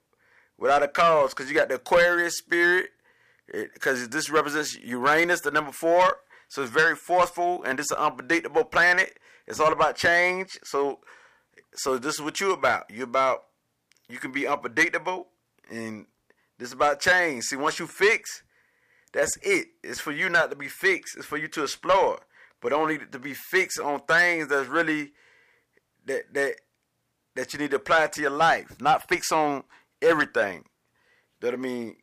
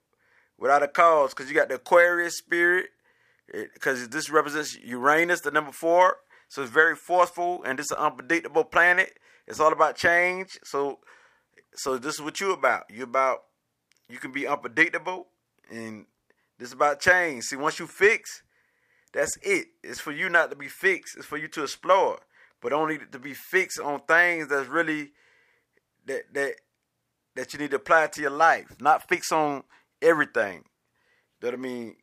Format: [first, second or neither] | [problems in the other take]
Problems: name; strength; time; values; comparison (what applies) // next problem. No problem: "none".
second | distortion; slight; 10 dB below the speech